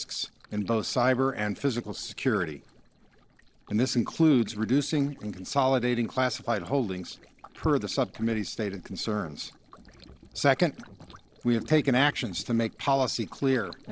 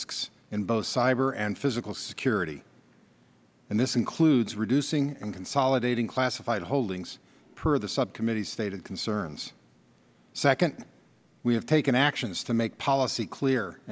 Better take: second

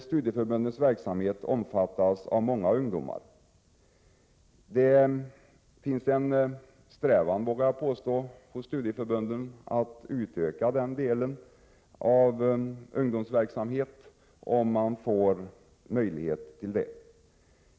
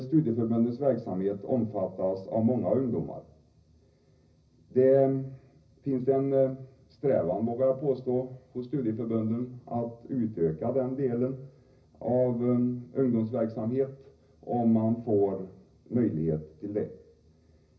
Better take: first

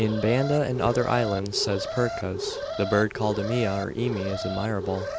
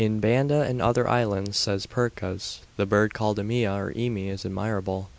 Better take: second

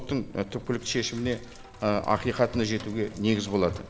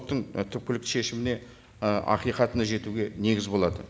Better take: second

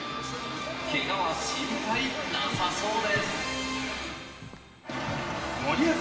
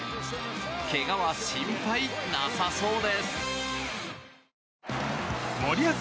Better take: second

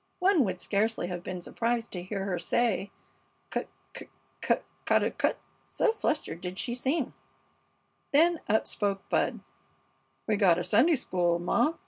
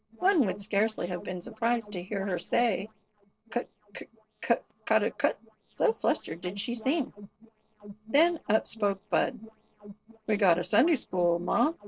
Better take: first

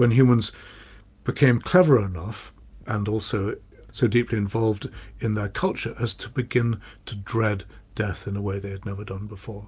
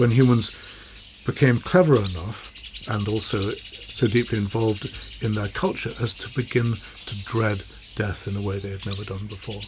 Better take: first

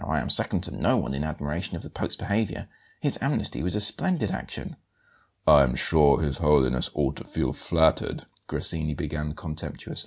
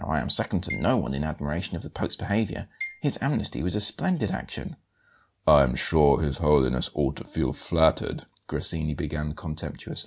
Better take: first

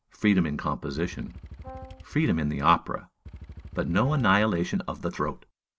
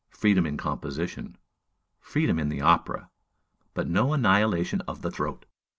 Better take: second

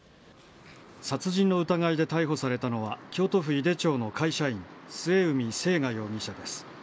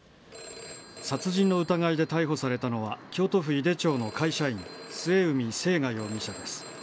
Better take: first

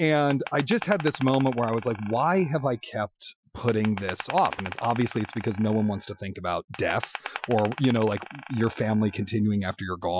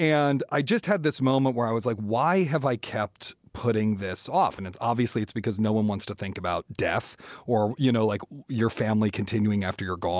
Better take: second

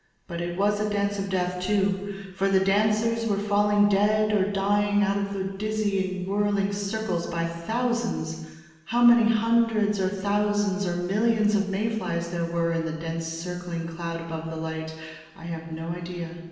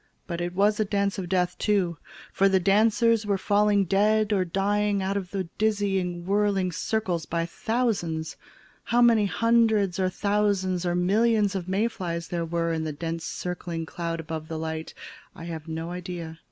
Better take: second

